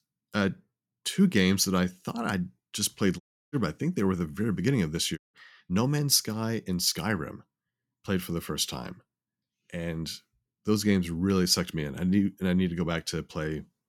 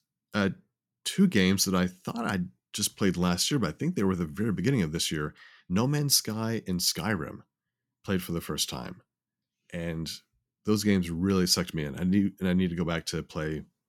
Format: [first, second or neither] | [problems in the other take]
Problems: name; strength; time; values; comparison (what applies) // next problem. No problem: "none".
second | audio cutting out; at 3 s and at 5 s